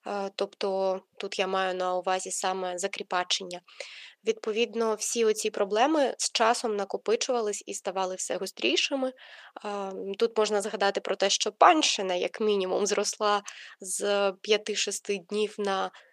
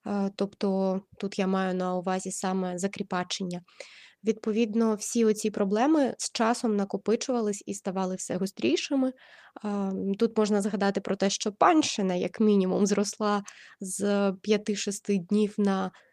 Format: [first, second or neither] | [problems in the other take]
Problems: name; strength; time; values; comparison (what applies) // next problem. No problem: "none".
second | thin; somewhat; fading below 500 Hz